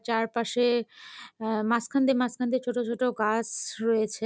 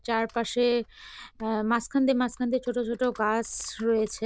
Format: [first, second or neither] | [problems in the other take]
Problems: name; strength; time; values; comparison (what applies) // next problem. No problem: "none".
first | noise reduction (neural diffusion model UNIVERSE++)